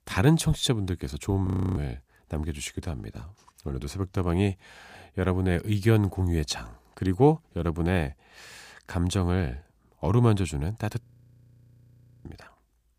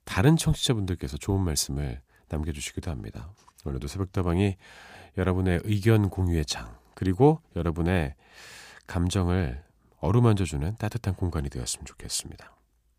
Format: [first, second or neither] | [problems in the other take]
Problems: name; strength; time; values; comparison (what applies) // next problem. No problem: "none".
second | audio freezing; at 1.5 s and at 11 s for 1 s